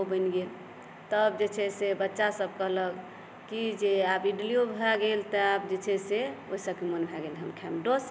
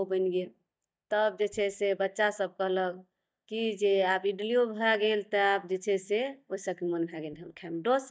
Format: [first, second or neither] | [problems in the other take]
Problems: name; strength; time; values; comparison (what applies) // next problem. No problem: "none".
first | noise reduction (neural mask model DeepFilterNet 3)